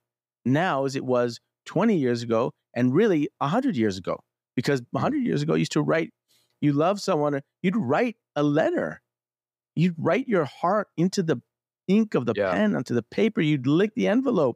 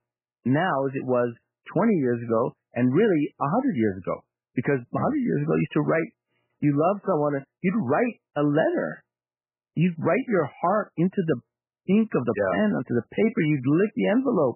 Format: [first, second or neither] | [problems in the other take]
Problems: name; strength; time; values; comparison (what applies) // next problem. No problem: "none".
first | garbled, watery; badly; nothing above 3 kHz